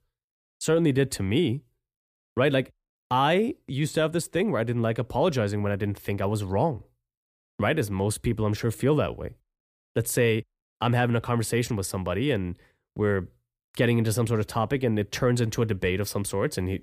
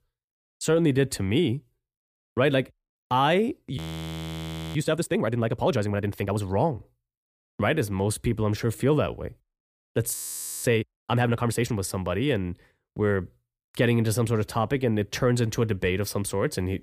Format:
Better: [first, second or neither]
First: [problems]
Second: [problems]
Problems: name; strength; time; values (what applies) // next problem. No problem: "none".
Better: first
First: none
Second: audio freezing; at 4 s for 1 s and at 10 s for 0.5 s